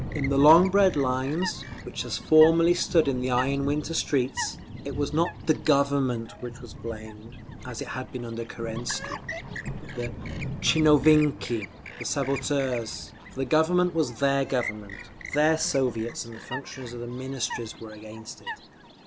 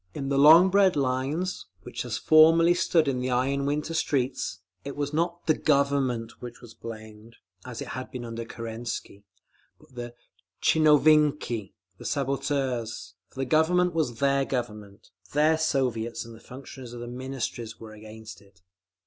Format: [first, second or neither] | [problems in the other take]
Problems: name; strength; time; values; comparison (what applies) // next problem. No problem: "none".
second | background sound (Thunder + Chirp, tweet); 11 dB below the speech